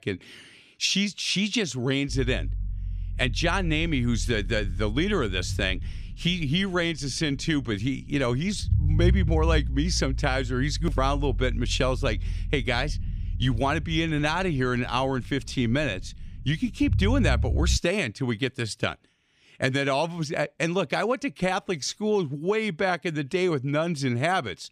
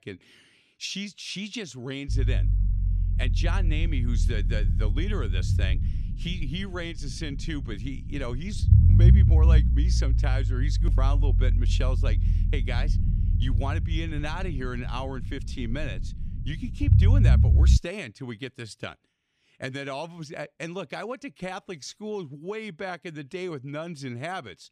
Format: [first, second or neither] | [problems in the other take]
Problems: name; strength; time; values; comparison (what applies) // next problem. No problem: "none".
first | low rumble; loud; from 2 to 18 s; 5 dB below the speech; faint in the first